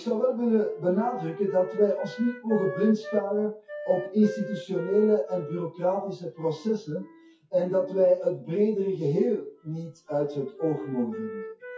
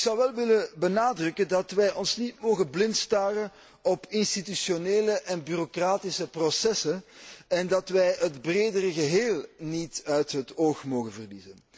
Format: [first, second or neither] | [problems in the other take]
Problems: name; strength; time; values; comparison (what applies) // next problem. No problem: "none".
second | noise reduction (classical method WPE with log-MMSE)